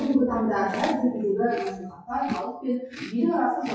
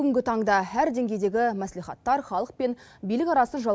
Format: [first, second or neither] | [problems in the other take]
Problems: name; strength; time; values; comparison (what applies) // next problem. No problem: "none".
second | noise reduction (classical method WPE with log-MMSE)